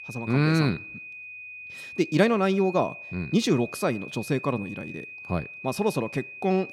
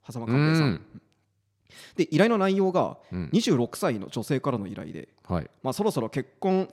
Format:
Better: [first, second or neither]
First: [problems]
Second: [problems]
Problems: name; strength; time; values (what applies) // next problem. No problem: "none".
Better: second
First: high-pitched whine; noticeable; throughout; 2.5 kHz, 15 dB below the speech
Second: none